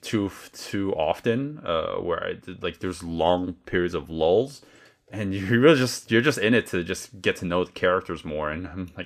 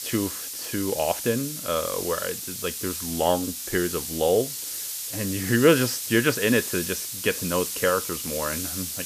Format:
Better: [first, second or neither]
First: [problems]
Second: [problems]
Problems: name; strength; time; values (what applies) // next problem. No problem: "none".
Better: first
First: none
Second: hiss; loud; throughout; 4 dB below the speech